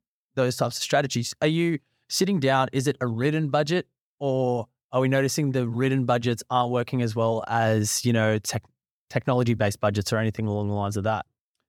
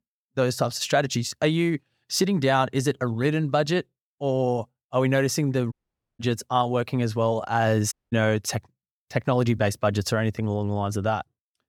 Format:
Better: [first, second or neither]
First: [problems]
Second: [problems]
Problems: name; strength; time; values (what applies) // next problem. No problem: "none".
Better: first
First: none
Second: audio cutting out; at 5.5 s and at 8 s